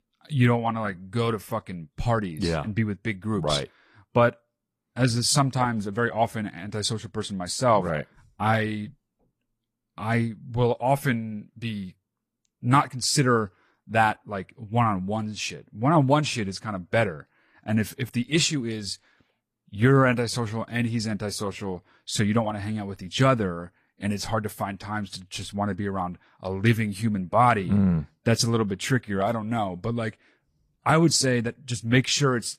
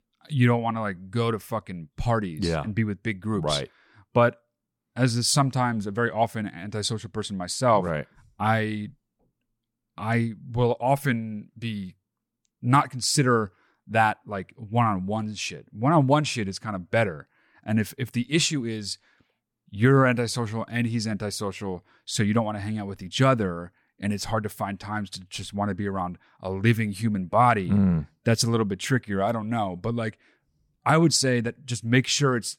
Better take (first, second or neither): second